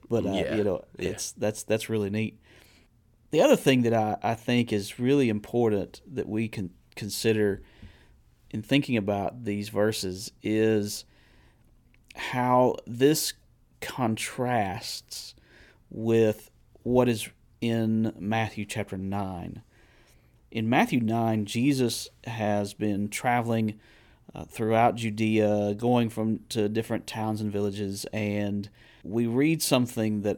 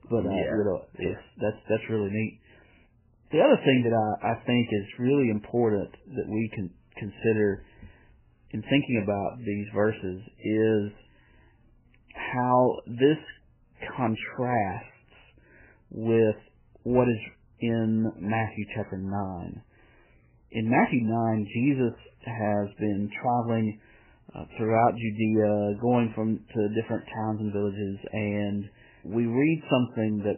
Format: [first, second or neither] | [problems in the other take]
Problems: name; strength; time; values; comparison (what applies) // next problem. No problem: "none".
first | garbled, watery; badly; nothing above 3 kHz